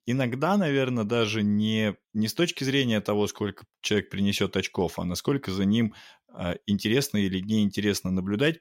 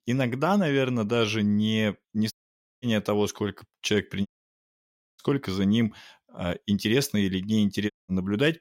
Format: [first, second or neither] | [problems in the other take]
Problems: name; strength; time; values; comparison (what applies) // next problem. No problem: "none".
first | audio cutting out; at 2.5 s for 0.5 s, at 4.5 s for 1 s and at 8 s